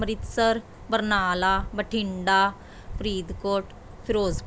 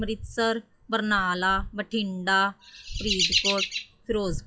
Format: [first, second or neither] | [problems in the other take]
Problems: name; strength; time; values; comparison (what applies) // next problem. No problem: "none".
first | noise reduction (classical method WPE with log-MMSE)